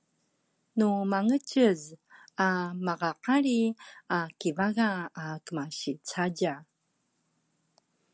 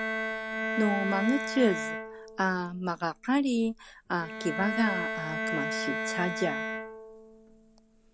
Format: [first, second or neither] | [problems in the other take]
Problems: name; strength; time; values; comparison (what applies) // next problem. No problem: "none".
first | background sound (Bowed string instrument); 4 dB below the speech